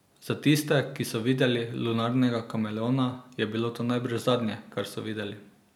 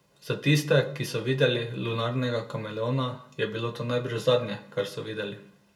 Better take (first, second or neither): first